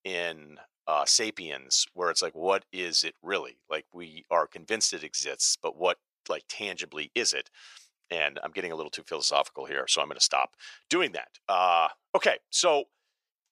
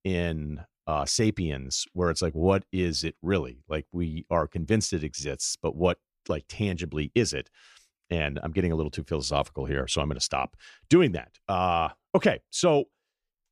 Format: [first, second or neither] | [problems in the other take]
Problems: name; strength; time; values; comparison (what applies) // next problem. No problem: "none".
second | thin; very; fading below 700 Hz